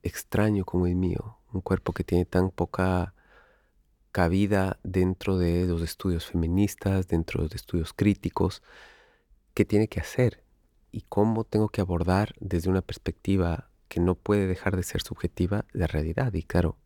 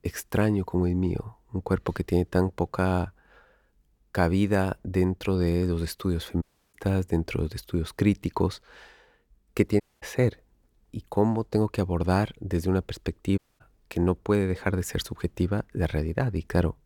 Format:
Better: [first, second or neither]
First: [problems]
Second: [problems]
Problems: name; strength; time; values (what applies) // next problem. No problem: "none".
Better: first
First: none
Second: audio cutting out; at 6.5 s, at 10 s and at 13 s